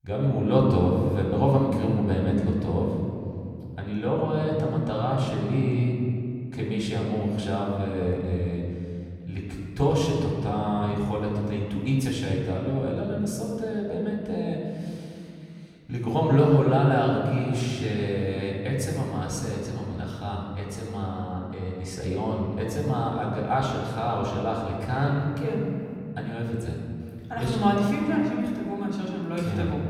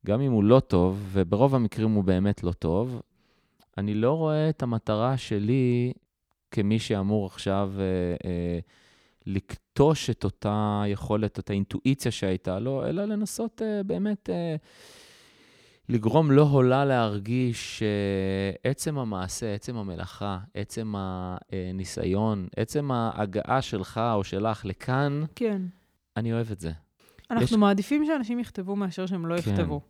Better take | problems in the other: second | room echo; noticeable; dies away in 2.4 s // off-mic speech; far

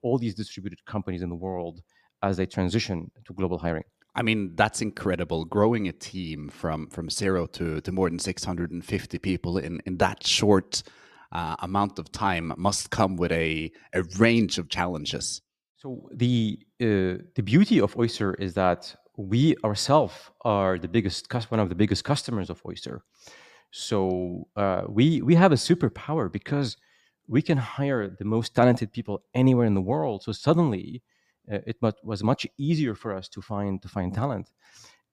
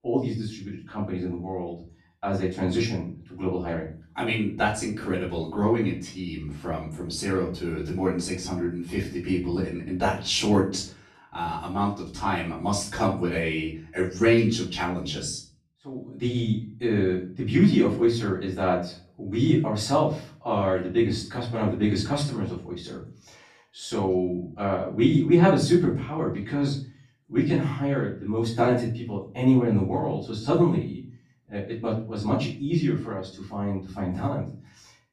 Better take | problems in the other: first | room echo; slight; dies away in 0.4 s // off-mic speech; far

